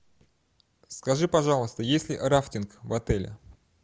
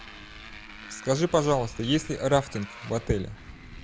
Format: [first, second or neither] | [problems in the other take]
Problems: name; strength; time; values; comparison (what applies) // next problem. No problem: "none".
first | background sound (Motorcycle); 15 dB below the speech